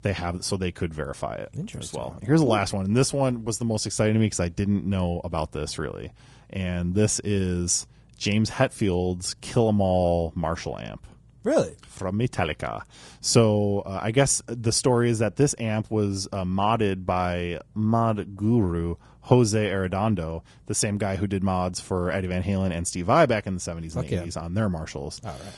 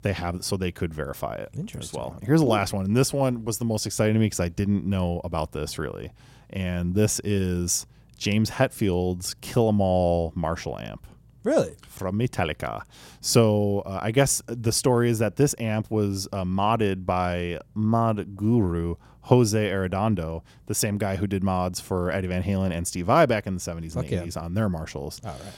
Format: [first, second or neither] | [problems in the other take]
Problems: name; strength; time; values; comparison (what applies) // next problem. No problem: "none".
second | garbled, watery; slightly; nothing above 10 kHz